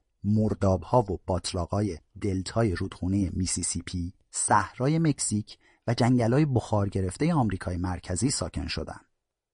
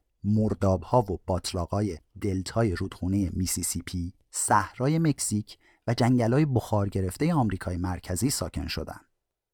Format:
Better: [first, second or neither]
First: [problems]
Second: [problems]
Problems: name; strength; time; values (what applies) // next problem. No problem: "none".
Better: second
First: garbled, watery; slightly; nothing above 9.5 kHz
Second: none